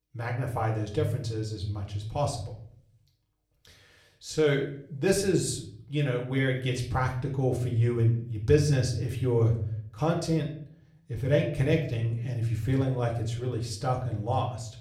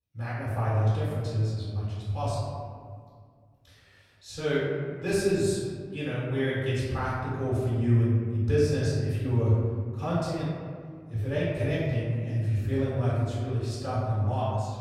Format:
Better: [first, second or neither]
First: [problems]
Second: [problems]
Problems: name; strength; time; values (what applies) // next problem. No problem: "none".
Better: first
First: room echo; slight; dies away in 0.5 s // off-mic speech; somewhat distant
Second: room echo; strong; dies away in 1.9 s // off-mic speech; far